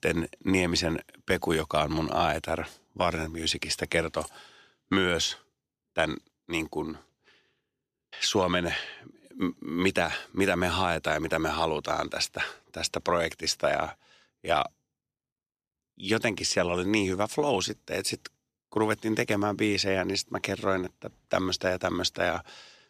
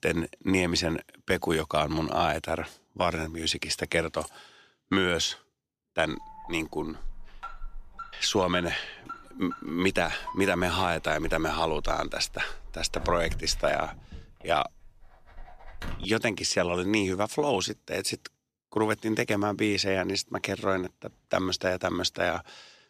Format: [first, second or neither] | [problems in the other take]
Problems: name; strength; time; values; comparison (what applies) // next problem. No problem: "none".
first | alarm; noticeable; from 6 to 16 s; peak 10 dB below the speech